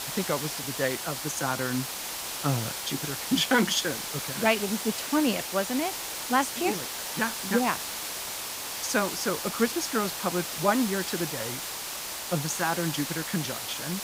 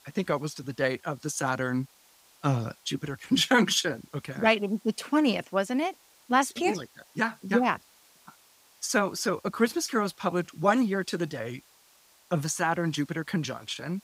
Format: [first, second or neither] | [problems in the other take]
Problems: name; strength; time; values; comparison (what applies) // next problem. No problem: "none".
second | hiss; loud; throughout; 3 dB below the speech; faint in the second